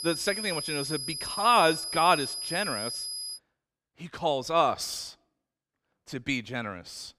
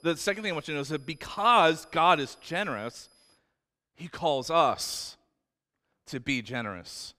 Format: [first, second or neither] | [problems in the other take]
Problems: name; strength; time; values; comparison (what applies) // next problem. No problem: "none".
second | high-pitched whine; loud; until 3.5 s; 5 kHz, 5 dB below the speech; faint in the second